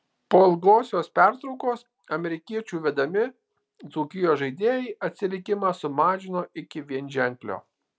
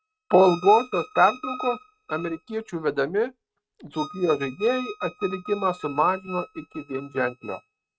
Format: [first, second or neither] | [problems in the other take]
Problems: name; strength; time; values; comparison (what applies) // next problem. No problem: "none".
first | noise reduction (neural mask model RNNoise)